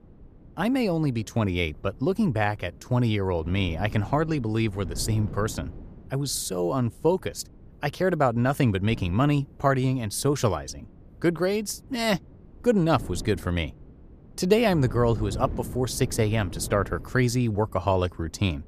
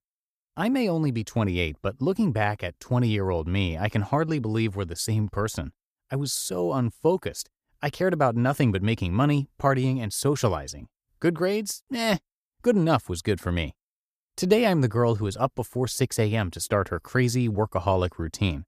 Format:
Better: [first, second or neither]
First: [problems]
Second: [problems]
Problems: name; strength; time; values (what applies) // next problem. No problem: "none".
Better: second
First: wind noise on the microphone; occasional gusts; 20 dB below the speech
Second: none